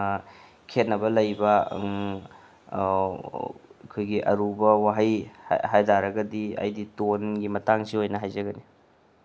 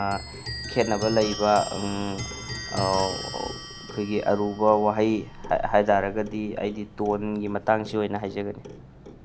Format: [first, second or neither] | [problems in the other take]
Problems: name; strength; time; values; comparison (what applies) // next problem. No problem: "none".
first | background sound (Clock); 11 dB below the speech